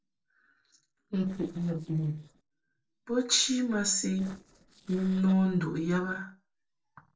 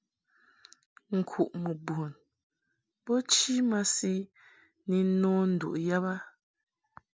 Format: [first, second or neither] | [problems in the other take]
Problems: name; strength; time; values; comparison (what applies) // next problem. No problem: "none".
second | noise reduction (neural separator model SepFormer DNS4)